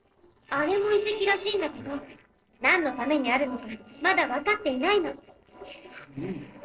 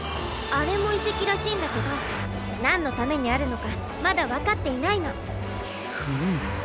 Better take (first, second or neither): second